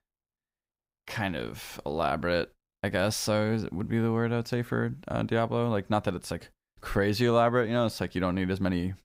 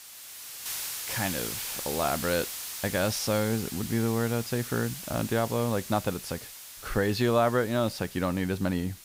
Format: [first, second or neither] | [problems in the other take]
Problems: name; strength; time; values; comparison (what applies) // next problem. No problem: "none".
first | hiss; loud; throughout; 7 dB below the speech